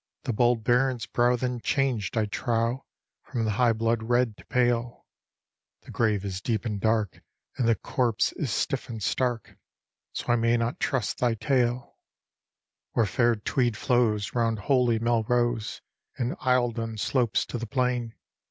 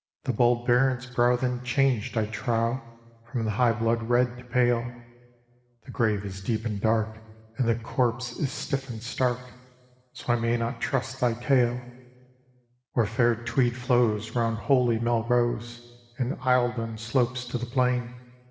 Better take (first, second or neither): first